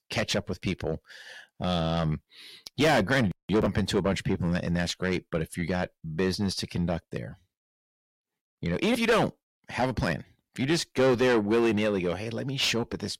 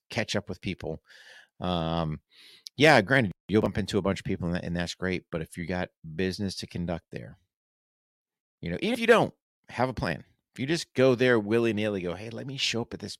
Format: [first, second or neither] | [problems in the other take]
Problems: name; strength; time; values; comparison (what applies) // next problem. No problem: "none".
second | distortion; heavy; 5 dB below the speech